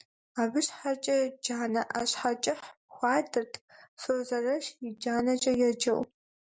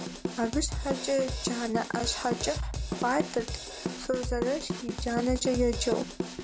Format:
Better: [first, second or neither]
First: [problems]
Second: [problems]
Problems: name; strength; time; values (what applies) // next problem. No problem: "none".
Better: first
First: none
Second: background sound (Drum kit); 4 dB below the speech